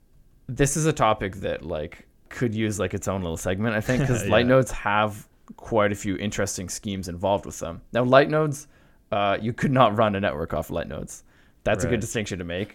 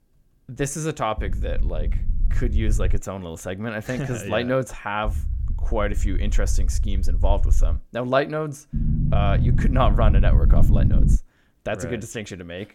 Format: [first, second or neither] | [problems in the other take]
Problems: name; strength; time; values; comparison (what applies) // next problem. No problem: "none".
first | low rumble; noticeable; from 1 to 3 s, from 5 to 8 s and from 8.5 to 11 s; 10 dB below the speech